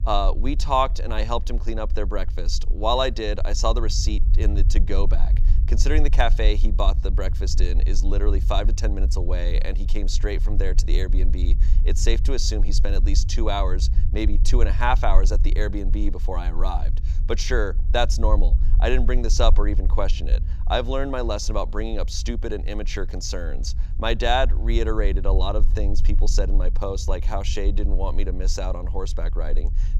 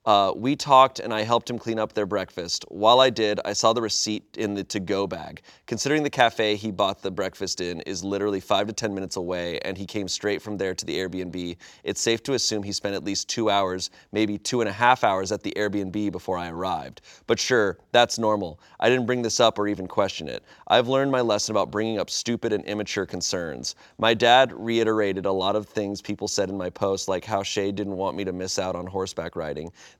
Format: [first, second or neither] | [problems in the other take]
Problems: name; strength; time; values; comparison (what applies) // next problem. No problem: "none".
second | low rumble; noticeable; throughout; 20 dB below the speech